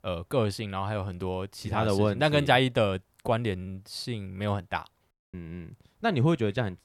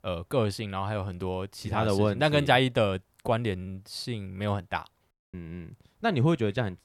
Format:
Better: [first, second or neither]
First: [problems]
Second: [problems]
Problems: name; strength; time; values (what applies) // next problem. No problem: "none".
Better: neither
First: audio cutting out; at 5 s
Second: audio cutting out; at 5 s